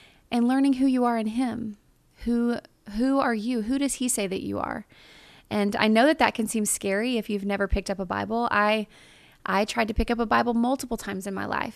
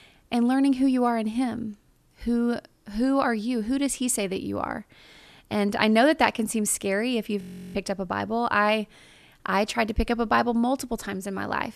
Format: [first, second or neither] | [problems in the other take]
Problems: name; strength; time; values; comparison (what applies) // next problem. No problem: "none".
first | audio freezing; at 7.5 s